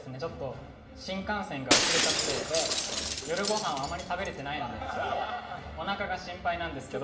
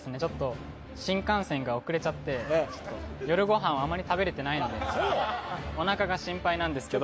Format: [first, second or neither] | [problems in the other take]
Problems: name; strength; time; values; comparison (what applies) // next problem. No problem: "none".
second | background sound (Shatter); 3 dB above the speech // room echo; dies away in 2 s